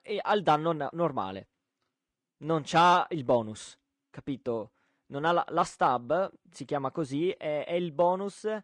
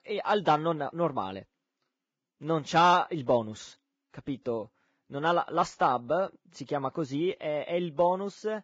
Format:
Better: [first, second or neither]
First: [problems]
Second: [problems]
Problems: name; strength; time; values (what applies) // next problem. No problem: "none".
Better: first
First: garbled, watery; slightly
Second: garbled, watery; badly; nothing above 7.5 kHz